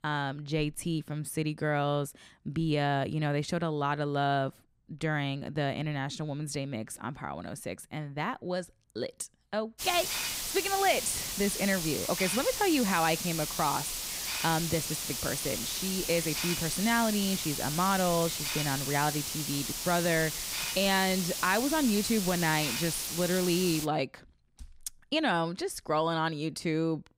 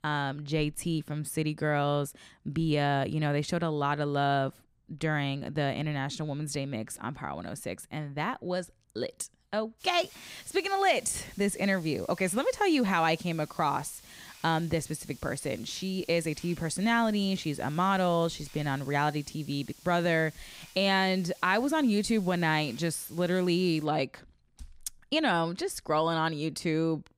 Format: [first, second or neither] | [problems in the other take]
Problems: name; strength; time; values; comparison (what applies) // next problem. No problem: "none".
second | hiss; loud; from 10 to 24 s; 2 dB below the speech; faint in the second